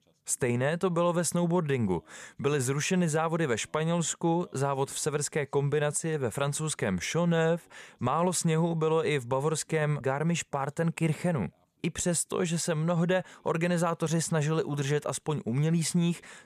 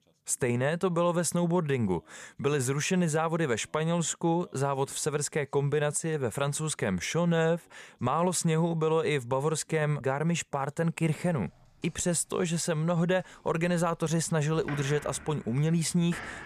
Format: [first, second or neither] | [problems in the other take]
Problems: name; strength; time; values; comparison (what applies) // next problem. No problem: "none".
first | household noises; noticeable; from 11 s on; 20 dB below the speech